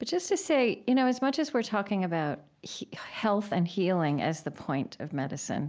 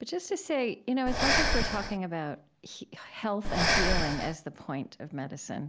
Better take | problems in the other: first | background sound (Breathing); 2 dB above the speech

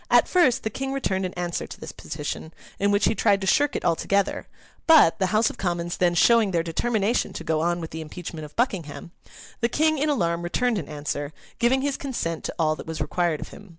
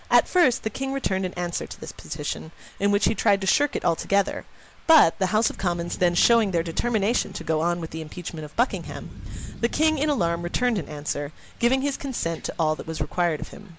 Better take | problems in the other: first | background sound (Thunder / Rain); 18 dB below the speech

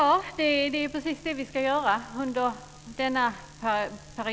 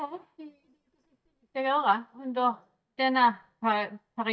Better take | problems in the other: first | noise reduction (neural mask model DeepFilterNet 3)

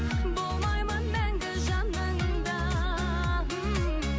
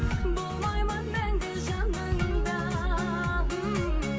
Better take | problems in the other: first | background sound (Bass drum); 11 dB below the speech // room echo; dies away in 0.2 s

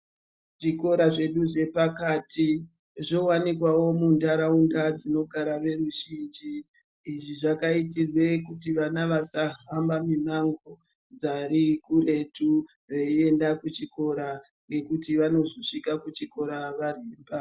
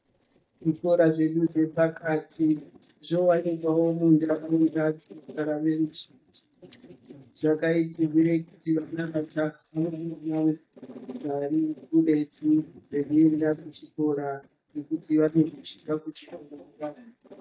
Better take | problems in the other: first | noise reduction (neural mask model DeepFilterNet 3)

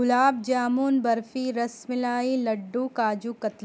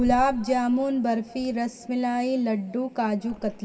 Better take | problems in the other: first | background sound (Thump, thud); 17 dB below the speech // room echo; dies away in 2.3 s

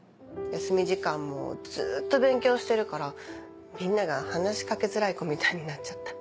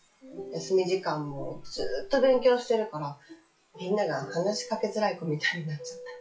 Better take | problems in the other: first | noise reduction (classical method WPE with log-MMSE)

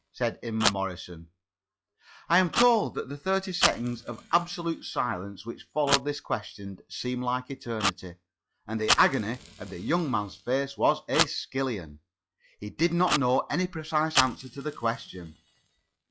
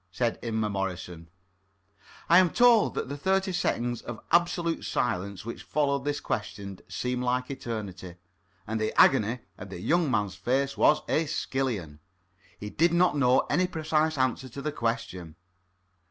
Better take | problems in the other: second | noise reduction (classical method log-MMSE)

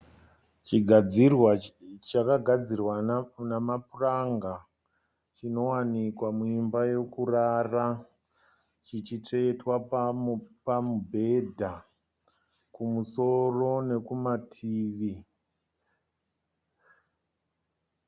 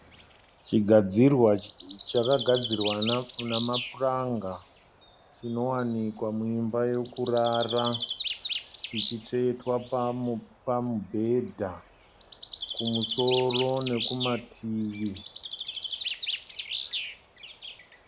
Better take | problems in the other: first | background sound (Bird); 9 dB below the speech

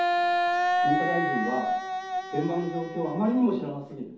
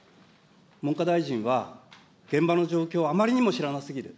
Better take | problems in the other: second | background sound (Wind instrument, woodwind instrument); 1 dB above the speech // room echo; dies away in 0.5 s

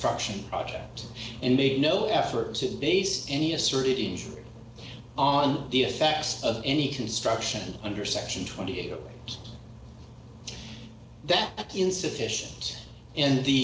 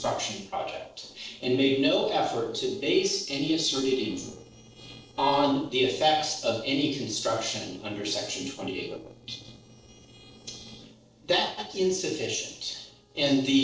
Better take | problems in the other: first | noise reduction (neural separator model SepFormer DNS4)

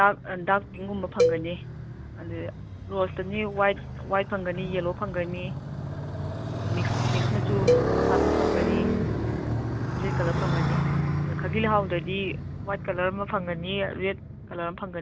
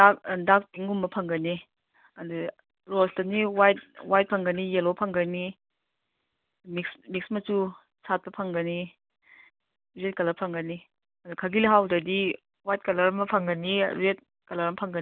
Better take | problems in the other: second | background sound (Motorcycle + Cowbell); 2 dB above the speech

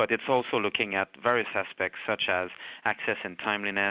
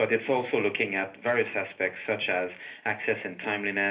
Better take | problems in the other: first | room echo; dies away in 0.3 s

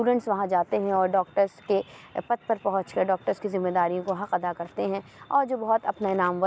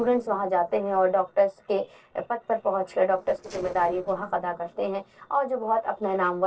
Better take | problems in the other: first | noise reduction (neural separator model SepFormer DNS4)

